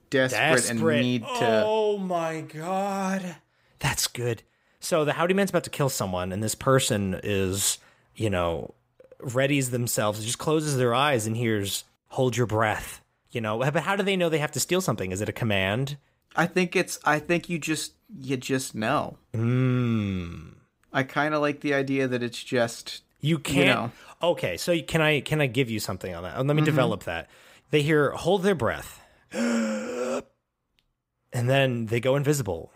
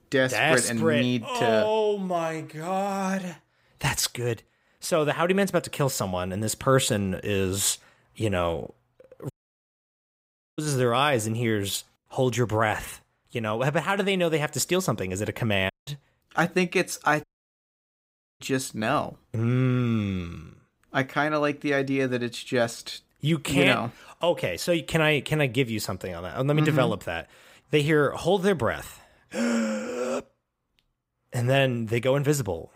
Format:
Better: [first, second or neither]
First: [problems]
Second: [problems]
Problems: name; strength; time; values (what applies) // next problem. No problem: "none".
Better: first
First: none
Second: audio cutting out; at 9.5 s for 1.5 s, at 16 s and at 17 s for 1 s